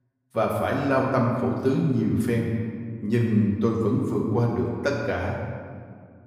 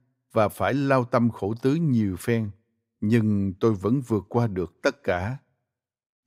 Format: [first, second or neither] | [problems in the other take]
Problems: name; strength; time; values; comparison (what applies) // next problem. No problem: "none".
second | room echo; noticeable; dies away in 1.6 s // off-mic speech; far